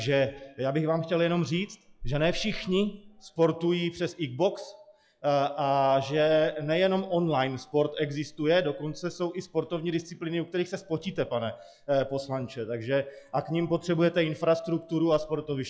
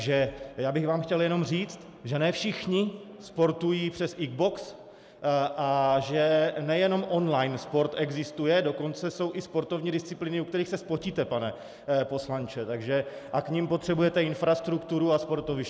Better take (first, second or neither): second